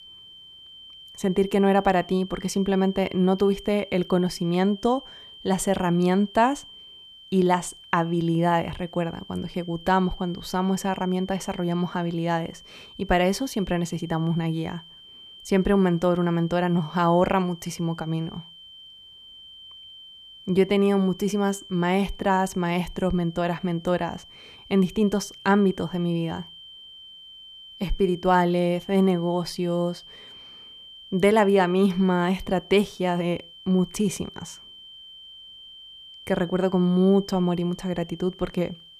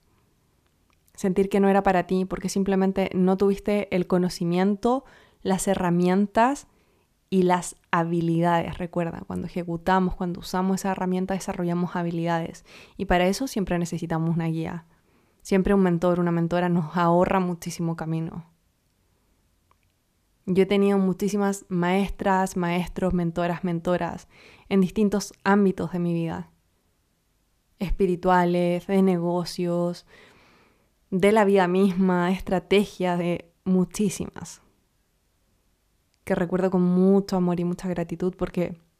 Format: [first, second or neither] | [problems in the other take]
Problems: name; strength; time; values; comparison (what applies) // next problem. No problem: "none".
second | high-pitched whine; noticeable; throughout; 3 kHz, 20 dB below the speech